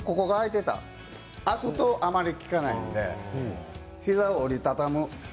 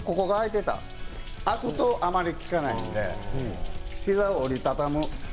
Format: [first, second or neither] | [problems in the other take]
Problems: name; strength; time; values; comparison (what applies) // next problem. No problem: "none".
first | background sound (Thunder); 7 dB below the speech